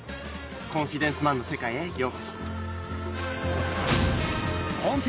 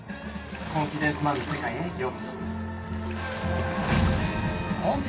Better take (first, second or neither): first